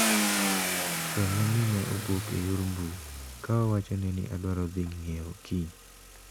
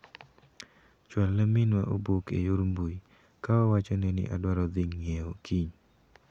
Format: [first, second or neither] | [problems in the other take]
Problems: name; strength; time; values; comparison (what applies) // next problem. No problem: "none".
second | background sound (Car); 2 dB below the speech